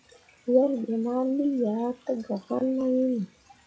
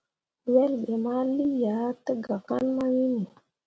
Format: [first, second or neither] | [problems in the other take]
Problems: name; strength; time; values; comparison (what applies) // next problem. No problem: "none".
second | noise reduction (classical method log-MMSE)